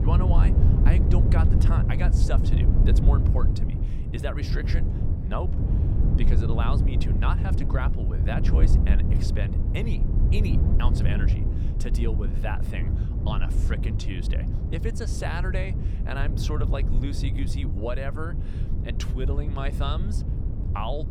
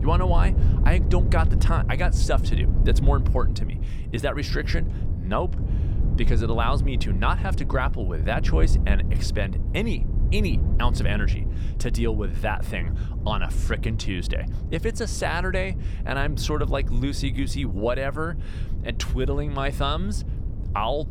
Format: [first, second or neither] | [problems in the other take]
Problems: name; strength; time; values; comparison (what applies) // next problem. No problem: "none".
second | wind noise on the microphone; heavy; 3 dB below the speech; occasional gusts in the second